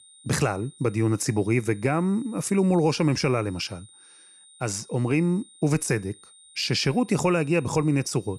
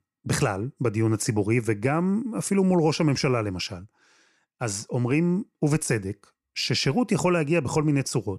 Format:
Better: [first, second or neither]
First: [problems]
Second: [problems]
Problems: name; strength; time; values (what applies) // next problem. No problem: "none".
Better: second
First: high-pitched whine; faint; throughout; 9 kHz, 25 dB below the speech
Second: none